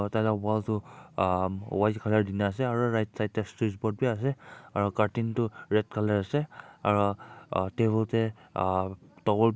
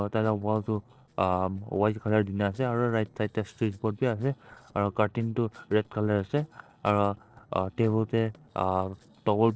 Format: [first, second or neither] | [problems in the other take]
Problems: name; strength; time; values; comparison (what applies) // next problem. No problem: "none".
first | noise reduction (neural separator model SepFormer DNS4)